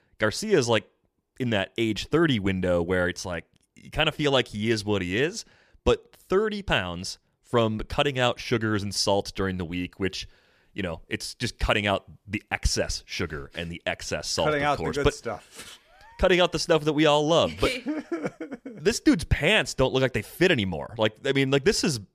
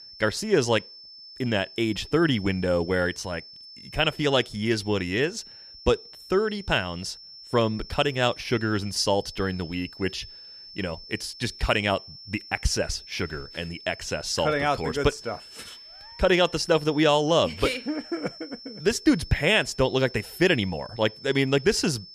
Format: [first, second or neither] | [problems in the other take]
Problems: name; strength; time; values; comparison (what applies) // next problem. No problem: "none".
first | high-pitched whine; noticeable; throughout; 5.5 kHz, 15 dB below the speech